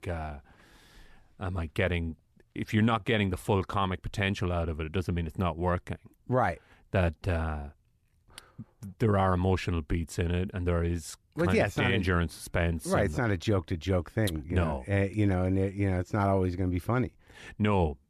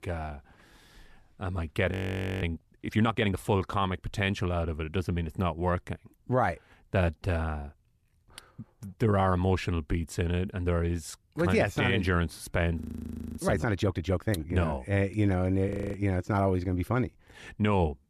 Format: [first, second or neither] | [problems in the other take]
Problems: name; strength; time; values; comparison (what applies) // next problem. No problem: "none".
first | audio freezing; at 2 s for 0.5 s, at 13 s for 0.5 s and at 16 s